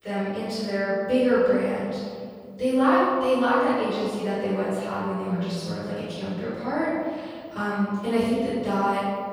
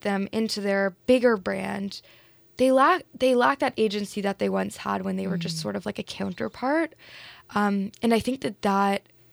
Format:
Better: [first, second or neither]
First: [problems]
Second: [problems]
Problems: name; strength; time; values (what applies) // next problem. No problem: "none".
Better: second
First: room echo; strong; dies away in 2.1 s // off-mic speech; far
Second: none